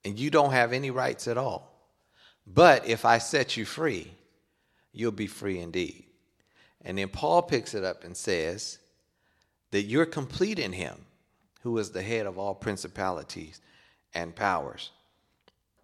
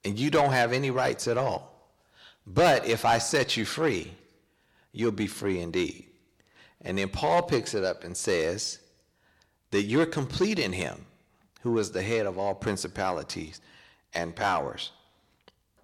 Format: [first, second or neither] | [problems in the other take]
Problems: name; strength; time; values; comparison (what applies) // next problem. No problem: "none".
first | distortion; heavy; 7 dB below the speech